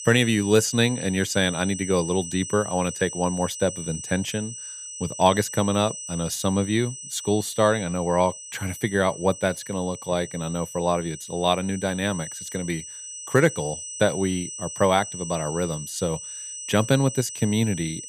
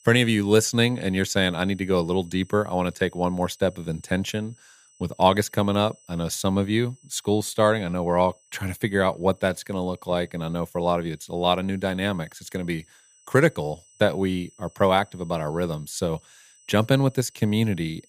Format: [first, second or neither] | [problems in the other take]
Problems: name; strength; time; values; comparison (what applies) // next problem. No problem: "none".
second | high-pitched whine; loud; throughout; 8 kHz, 9 dB below the speech; faint in the second